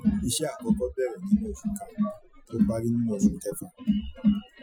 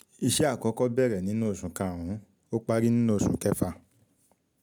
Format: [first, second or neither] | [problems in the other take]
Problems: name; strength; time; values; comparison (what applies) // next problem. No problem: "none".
second | noise reduction (classical method Wiener filter)